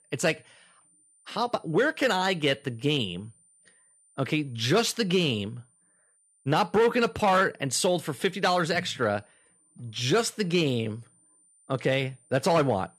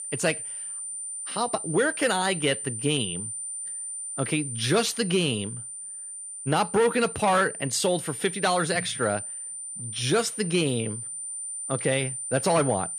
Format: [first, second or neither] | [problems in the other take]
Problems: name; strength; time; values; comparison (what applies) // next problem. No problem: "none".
first | high-pitched whine; loud; throughout; 9 kHz, 7 dB below the speech; faint in the first